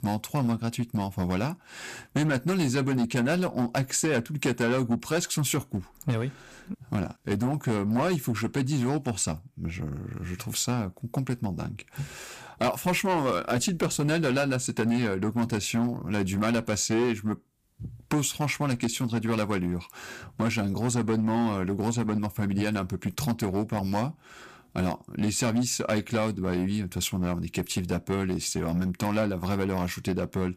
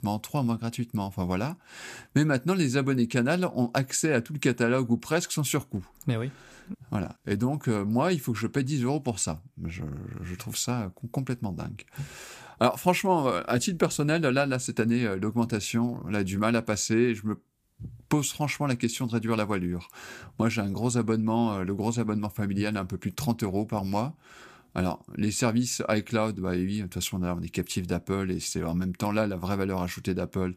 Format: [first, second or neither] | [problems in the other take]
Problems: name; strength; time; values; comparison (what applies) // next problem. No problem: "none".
second | distortion; slight; 8% of the sound clipped